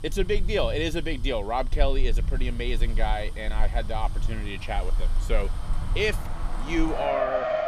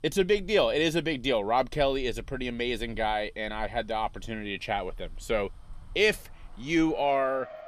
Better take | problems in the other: second | traffic noise; loud; throughout; 1 dB below the speech; faint in the second

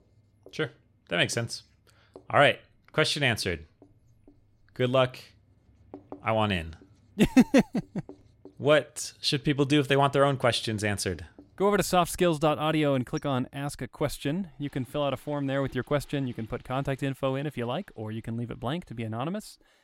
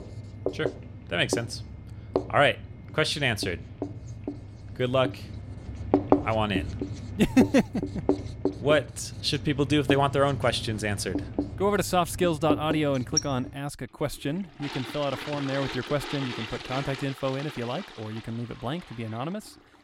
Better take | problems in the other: first | household noises; loud; throughout; 6 dB below the speech; faint in the first

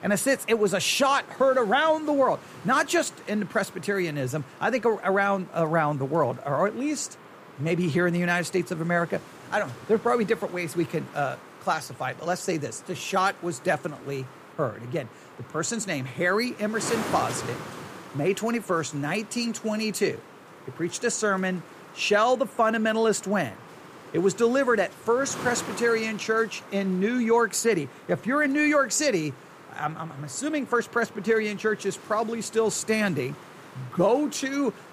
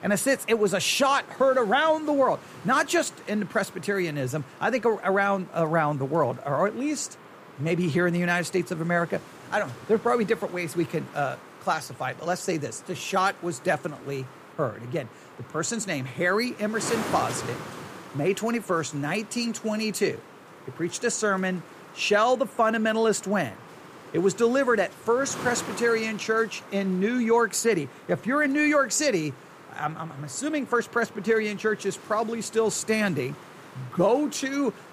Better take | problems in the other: neither | wind noise on the microphone; occasional gusts; 15 dB below the speech; the same in both

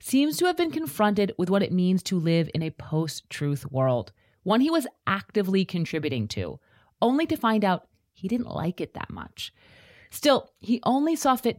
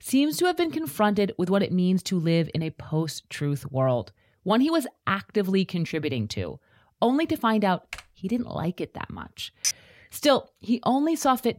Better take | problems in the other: first | keyboard typing; faint; at 8 s; peak 15 dB below the speech // clattering dishes; noticeable; at 9.5 s; peak 2 dB below the speech

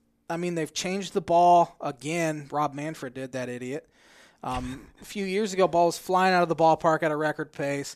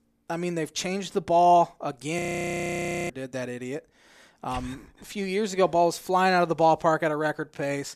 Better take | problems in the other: first | audio freezing; at 2 s for 1 s

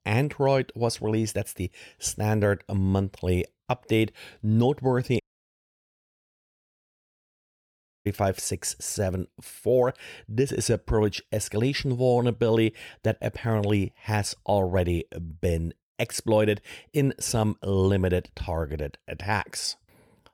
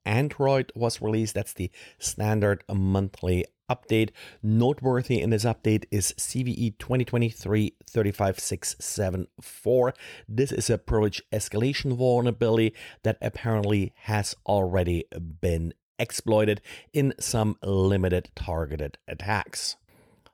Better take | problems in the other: second | audio cutting out; at 5 s for 3 s

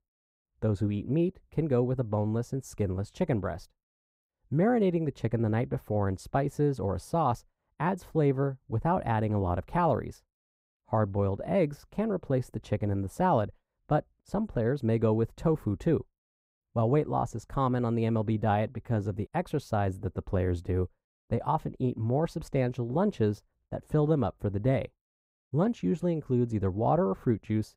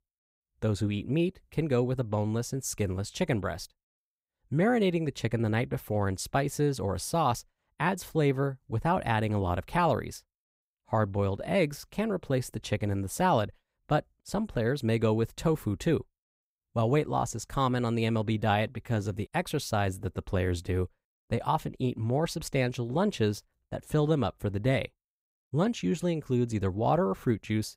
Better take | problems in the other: second | muffled; slightly; fading above 1.5 kHz

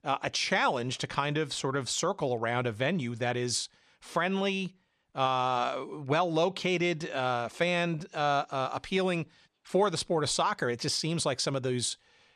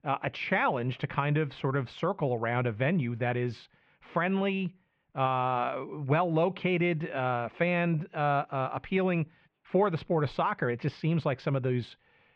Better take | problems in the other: first | muffled; very; fading above 2.5 kHz

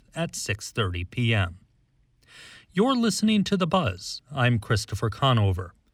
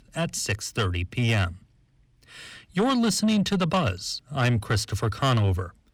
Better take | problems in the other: first | distortion; slight; 10 dB below the speech

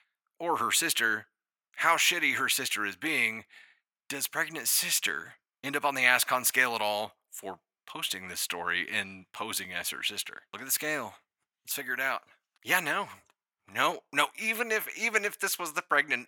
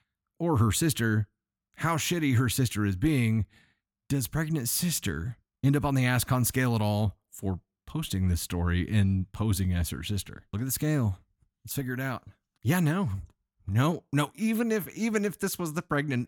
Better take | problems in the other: second | thin; very; fading below 700 Hz

